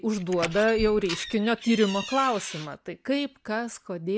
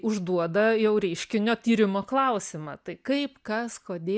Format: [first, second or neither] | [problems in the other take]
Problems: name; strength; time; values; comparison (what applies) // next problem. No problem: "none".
second | background sound (Door); 11 dB below the speech